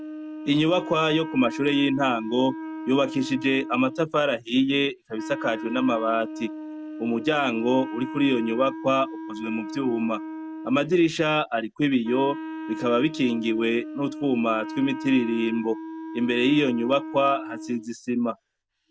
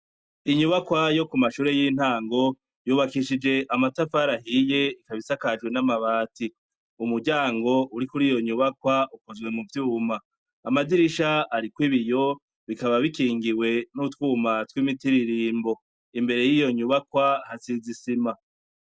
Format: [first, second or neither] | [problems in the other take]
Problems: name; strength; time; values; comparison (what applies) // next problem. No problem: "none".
second | background sound (Wind instrument, woodwind instrument); 11 dB below the speech